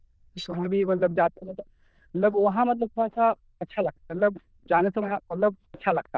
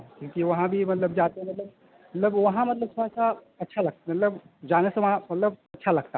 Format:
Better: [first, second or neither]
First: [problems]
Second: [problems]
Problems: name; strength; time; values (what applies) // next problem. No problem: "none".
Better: second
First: noise reduction (neural diffusion model UNIVERSE++)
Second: none